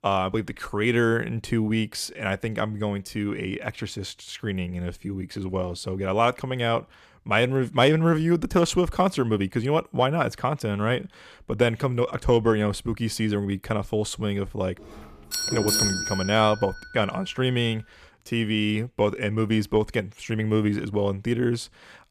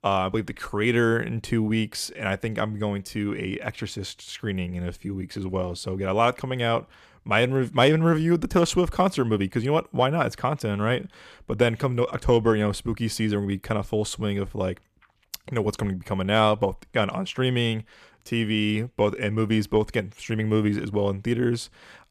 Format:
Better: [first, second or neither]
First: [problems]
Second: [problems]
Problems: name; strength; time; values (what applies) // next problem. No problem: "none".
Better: second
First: doorbell; loud; from 15 to 17 s; peak 3 dB above the speech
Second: none